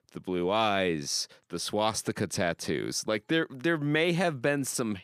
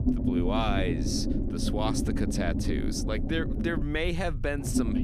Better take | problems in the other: first | low rumble; loud; throughout; 4 dB below the speech

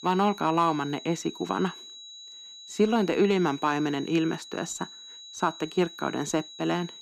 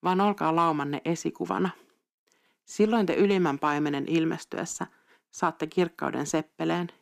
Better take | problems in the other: second | high-pitched whine; noticeable; throughout; 4 kHz, 15 dB below the speech

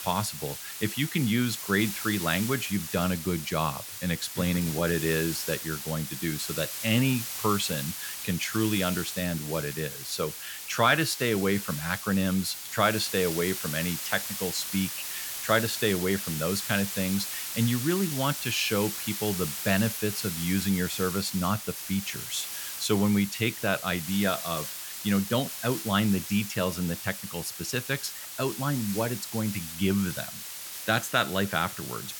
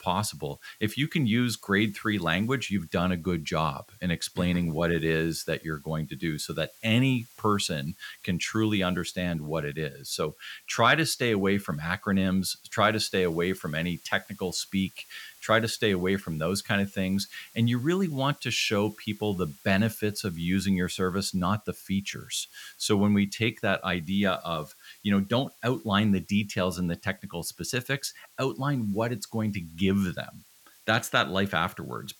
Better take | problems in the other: second | hiss; loud; throughout; 5 dB below the speech; faint in the second

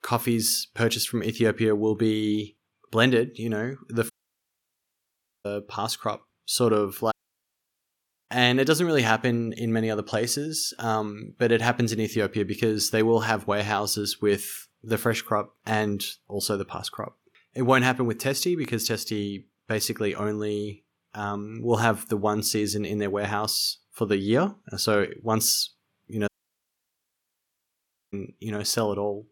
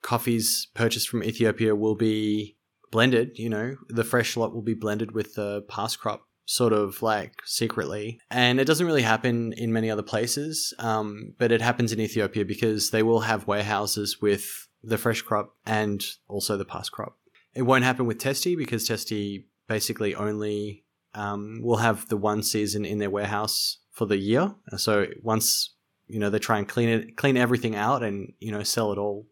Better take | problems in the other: second | audio cutting out; at 4 s for 1.5 s, at 7 s for 1 s and at 26 s for 2 s

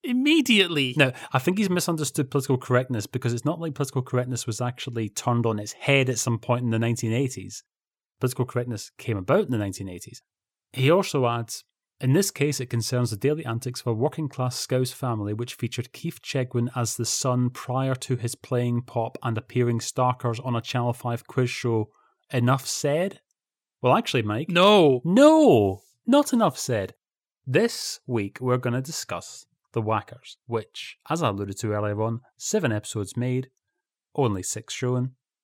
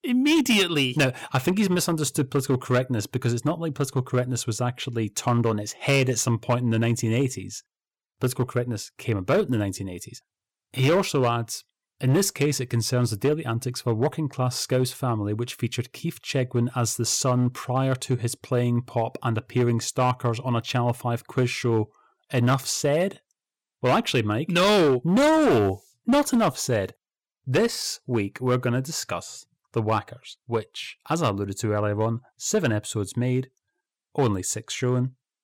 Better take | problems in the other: first | distortion; slight; 5% of the sound clipped

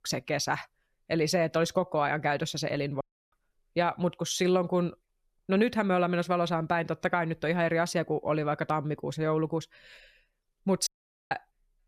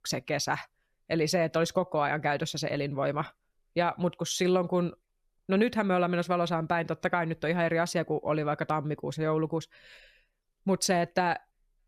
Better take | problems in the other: second | audio cutting out; at 3 s and at 11 s

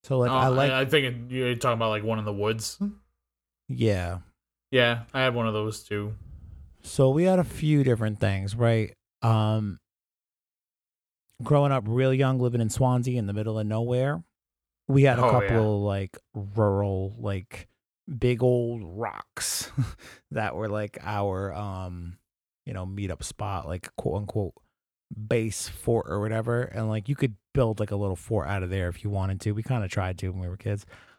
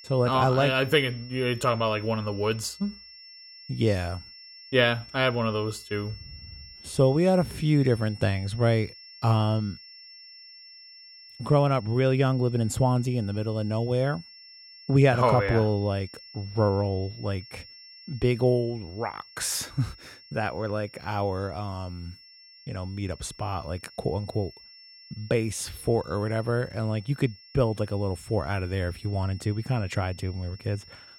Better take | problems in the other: first | high-pitched whine; noticeable; throughout; 5.5 kHz, 20 dB below the speech

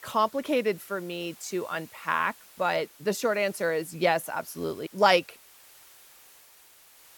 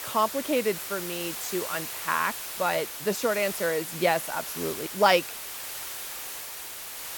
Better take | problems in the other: first | hiss; loud; throughout; 6 dB below the speech; faint in the first

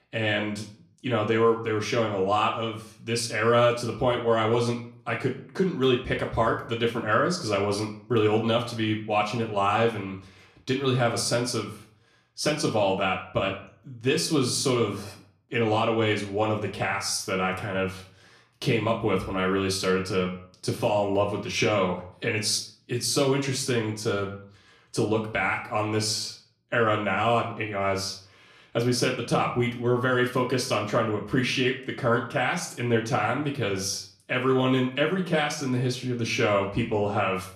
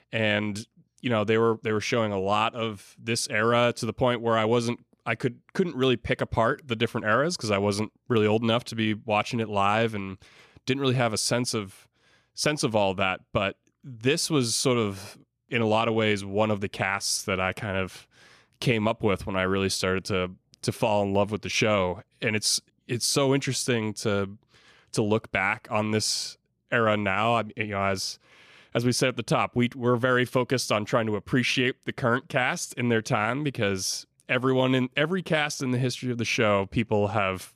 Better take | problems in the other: second | off-mic speech; far // room echo; slight; dies away in 0.4 s

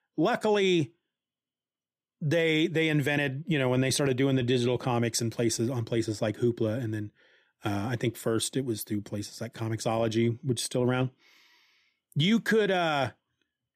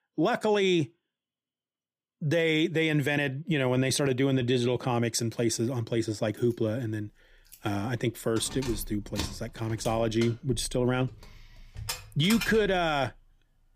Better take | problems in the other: first | jangling keys; noticeable; from 7.5 to 13 s; peak 5 dB below the speech

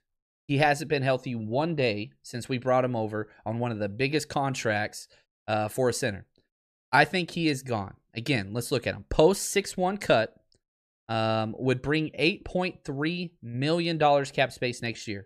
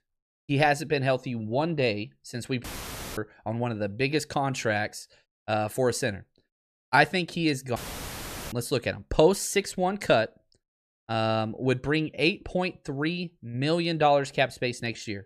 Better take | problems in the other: first | audio cutting out; filled with static; at 2.5 s for 0.5 s and at 8 s for 1 s

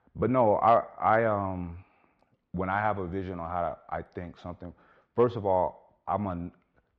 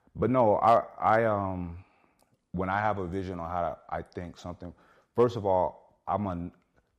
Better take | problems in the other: second | muffled; slightly; fading above 2.5 kHz

